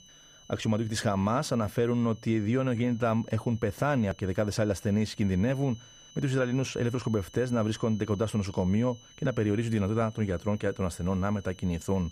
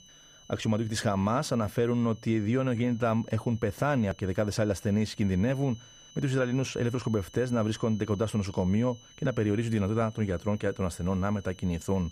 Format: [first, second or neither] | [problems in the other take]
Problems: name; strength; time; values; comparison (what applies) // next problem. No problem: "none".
neither | high-pitched whine; faint; throughout; 3 kHz, 25 dB below the speech; the same in both